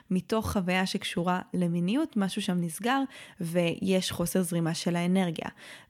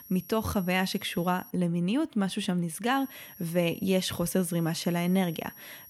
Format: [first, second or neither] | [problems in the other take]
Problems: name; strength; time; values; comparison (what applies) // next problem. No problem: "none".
first | high-pitched whine; noticeable; until 1.5 s and from 3 s on; 11.5 kHz, 20 dB below the speech